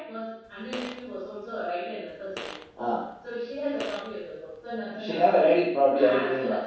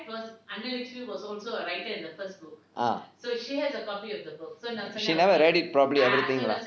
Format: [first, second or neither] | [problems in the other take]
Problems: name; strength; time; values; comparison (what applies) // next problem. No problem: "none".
second | background sound (Fart); 16 dB below the speech // room echo; dies away in 0.7 s